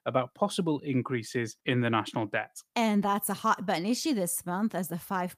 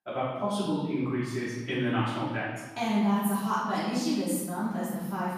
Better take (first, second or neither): first